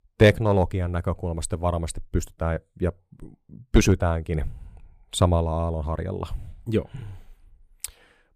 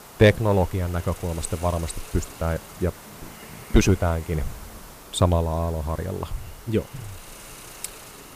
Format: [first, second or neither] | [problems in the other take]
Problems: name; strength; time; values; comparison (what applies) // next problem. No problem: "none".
first | hiss; noticeable; throughout; 15 dB below the speech